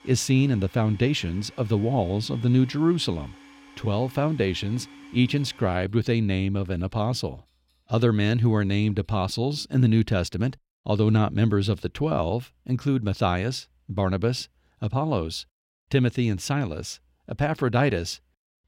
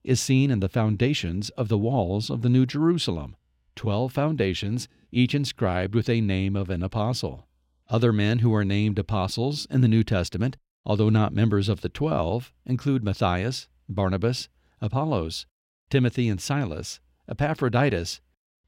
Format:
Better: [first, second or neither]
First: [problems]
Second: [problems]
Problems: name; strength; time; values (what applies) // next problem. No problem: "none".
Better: second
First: household noises; faint; until 10 s; 25 dB below the speech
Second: none